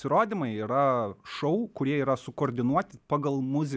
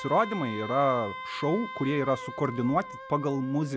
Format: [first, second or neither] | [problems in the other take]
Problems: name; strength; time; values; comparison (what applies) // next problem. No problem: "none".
first | background sound (Wind instrument, woodwind instrument); 11 dB below the speech